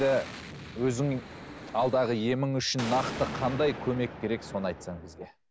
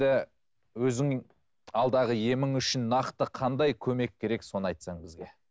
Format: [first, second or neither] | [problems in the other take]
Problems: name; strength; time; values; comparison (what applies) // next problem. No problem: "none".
second | background sound (Explosion); 11 dB below the speech